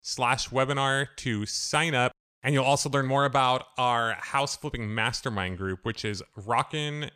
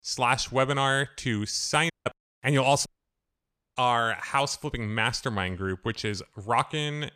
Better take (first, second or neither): first